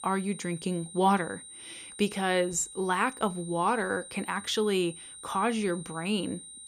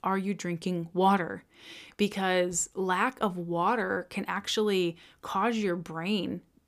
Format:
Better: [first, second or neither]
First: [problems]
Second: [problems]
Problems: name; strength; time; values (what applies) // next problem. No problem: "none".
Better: second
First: high-pitched whine; noticeable; throughout; 9 kHz, 15 dB below the speech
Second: none